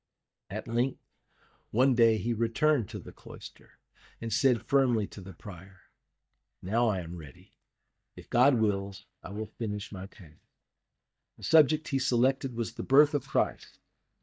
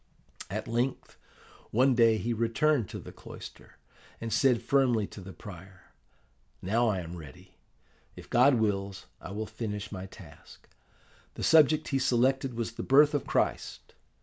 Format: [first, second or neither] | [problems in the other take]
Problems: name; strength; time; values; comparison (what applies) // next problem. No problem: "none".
second | noise reduction (neural mask model DeepFilterNet 3)